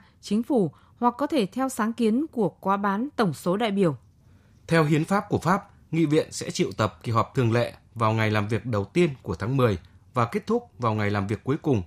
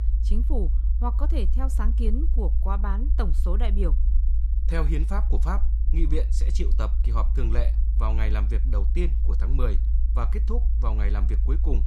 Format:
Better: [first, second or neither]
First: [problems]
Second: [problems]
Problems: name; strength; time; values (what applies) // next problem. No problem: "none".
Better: first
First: none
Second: low rumble; noticeable; throughout; 10 dB below the speech